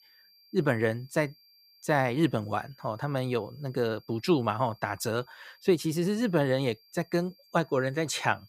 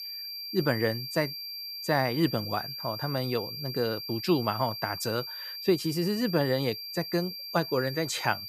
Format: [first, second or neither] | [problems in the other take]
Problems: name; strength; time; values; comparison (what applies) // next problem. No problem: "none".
first | high-pitched whine; loud; throughout; 4.5 kHz, 6 dB below the speech; faint in the first